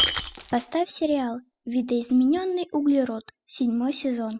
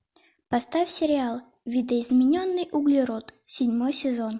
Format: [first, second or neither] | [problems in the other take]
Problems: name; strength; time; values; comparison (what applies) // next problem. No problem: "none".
second | noise reduction (classical method spectral subtraction)